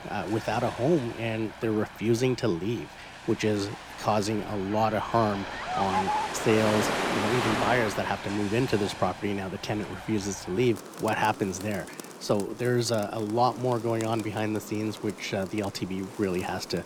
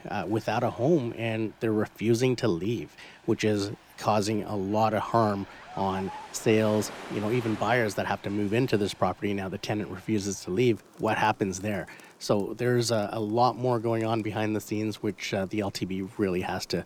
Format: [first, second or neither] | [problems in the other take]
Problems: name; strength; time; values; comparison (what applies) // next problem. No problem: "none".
second | rain or running water; loud; throughout; 7 dB below the speech; faint in the second